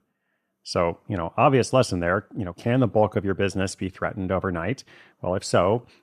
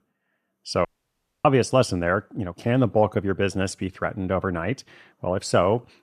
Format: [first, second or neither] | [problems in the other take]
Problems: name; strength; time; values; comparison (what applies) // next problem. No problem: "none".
first | audio cutting out; at 1 s for 0.5 s